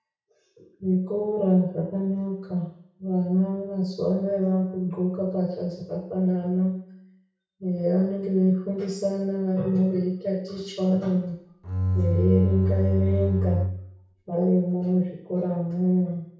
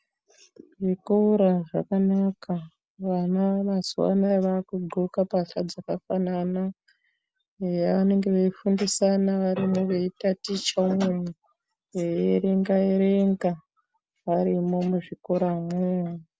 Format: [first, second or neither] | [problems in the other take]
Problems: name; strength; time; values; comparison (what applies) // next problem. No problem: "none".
second | background sound (Bowed string instrument); 1 dB above the speech // room echo; dies away in 0.6 s